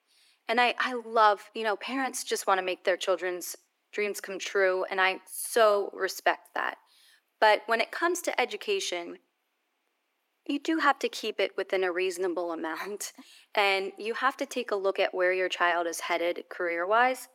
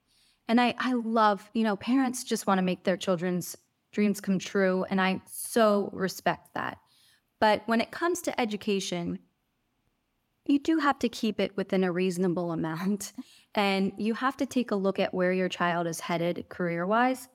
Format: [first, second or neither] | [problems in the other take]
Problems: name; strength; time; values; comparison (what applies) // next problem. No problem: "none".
second | thin; very; fading below 350 Hz